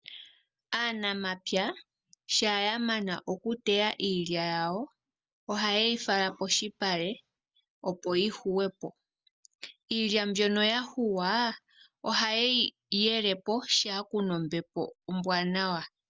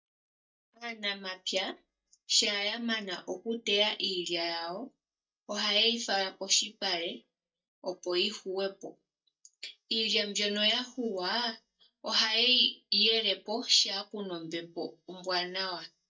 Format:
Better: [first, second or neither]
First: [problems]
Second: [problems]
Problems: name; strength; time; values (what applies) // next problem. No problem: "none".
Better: first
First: none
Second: noise reduction (neural mask model DeepFilterNet 3)